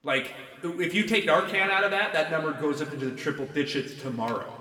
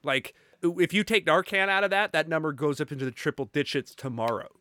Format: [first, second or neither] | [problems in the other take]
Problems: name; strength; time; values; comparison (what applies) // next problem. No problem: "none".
second | room echo; noticeable; dies away in 1.8 s // off-mic speech; somewhat distant